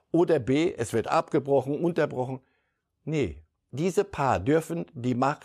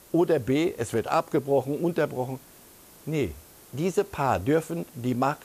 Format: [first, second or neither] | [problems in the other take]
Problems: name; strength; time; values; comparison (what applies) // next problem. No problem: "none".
first | hiss; faint; throughout; 25 dB below the speech